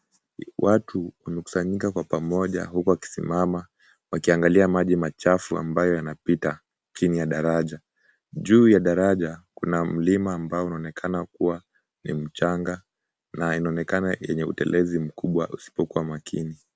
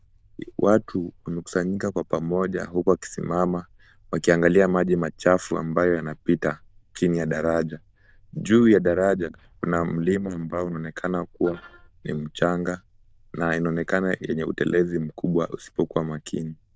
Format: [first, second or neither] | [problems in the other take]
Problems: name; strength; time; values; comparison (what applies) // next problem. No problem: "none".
first | noise reduction (neural diffusion model UNIVERSE++)